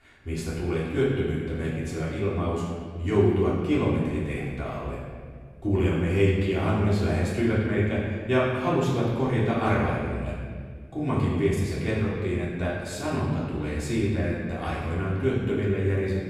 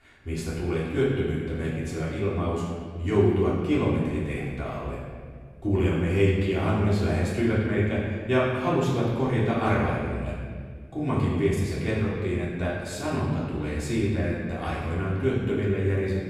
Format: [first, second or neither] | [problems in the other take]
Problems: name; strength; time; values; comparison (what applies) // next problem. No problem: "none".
neither | off-mic speech; far; the same in both // room echo; strong; dies away in 1.8 s; the same in both